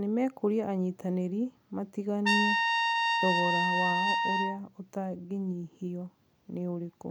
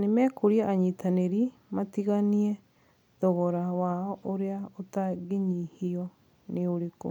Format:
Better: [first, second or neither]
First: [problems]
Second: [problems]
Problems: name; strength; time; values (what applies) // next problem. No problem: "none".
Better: second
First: background sound (Trumpet); 1 dB above the speech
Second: none